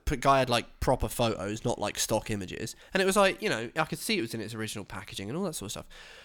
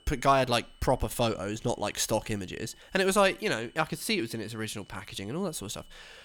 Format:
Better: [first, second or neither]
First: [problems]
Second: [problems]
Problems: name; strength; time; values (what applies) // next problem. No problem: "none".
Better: first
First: none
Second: high-pitched whine; faint; throughout; 3 kHz, 30 dB below the speech